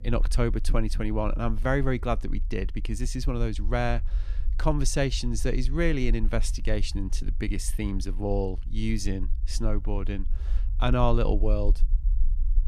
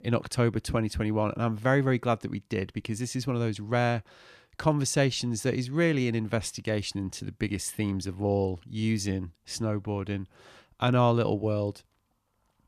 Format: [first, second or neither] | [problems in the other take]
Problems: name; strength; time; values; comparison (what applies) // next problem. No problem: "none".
second | low rumble; faint; throughout; 25 dB below the speech